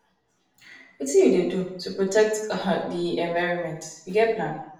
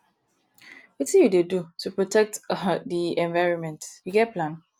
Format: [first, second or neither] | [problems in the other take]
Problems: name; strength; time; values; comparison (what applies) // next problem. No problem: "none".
second | room echo; dies away in 0.6 s